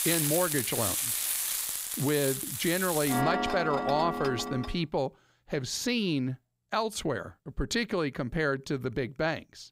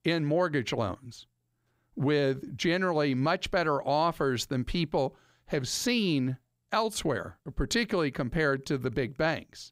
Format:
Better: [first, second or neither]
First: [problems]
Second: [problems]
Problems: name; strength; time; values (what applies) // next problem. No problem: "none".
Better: second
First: household noises; very loud; until 4.5 s; as loud as the speech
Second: none